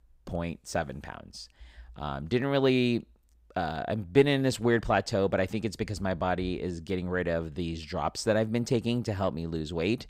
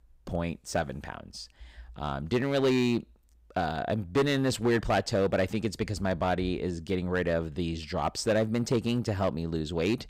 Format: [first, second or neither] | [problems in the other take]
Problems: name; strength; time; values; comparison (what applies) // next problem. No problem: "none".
first | distortion; slight; 4% of the sound clipped